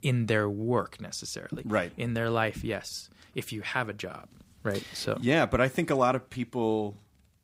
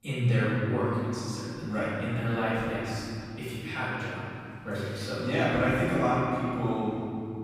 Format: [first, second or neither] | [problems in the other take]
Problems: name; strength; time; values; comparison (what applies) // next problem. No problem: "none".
first | off-mic speech; far // room echo; strong; dies away in 2.8 s